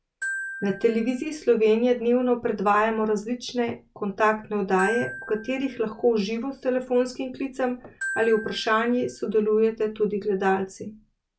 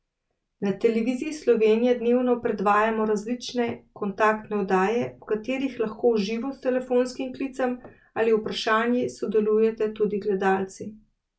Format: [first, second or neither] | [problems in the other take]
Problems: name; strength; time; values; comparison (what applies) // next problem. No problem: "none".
second | background sound (Glockenspiel); 14 dB below the speech